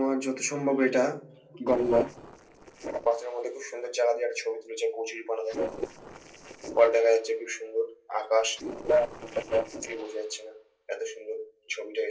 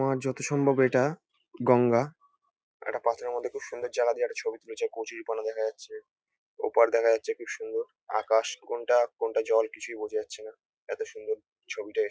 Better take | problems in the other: second | noise reduction (neural separator model SepFormer DNS4)

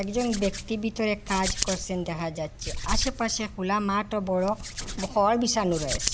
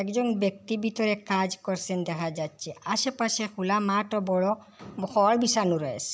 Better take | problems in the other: second | background sound (Hands); 7 dB below the speech

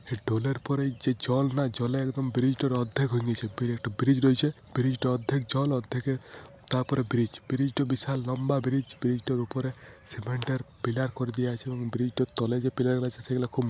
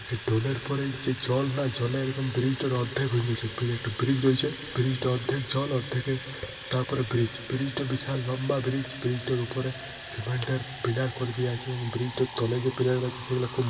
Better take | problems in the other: first | background sound (Fill (with liquid) / Water tap, faucet); 13 dB below the speech // room echo; dies away in 2.9 s

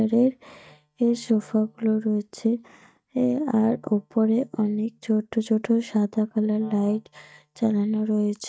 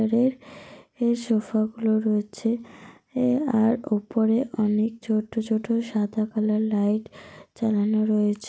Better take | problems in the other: second | noise reduction (neural mask model DeepFilterNet 3)

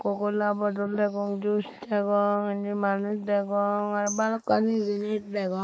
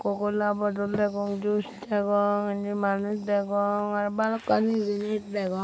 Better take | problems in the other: second | noise reduction (neural mask model Resemble Enhance denoiser)

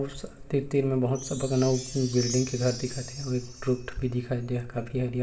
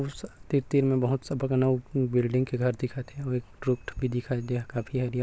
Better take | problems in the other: second | background sound (Chime); 12 dB below the speech // room echo; dies away in 1.6 s

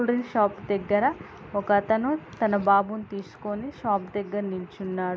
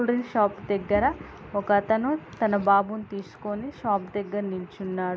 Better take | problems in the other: first | background sound (Bowed string instrument); 18 dB below the speech

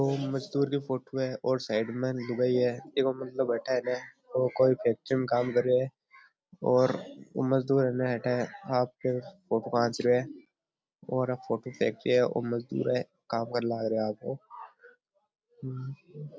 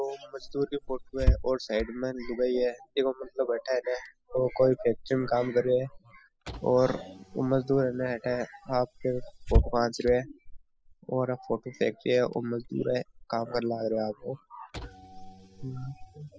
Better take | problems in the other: first | noise reduction (classical method spectral subtraction)

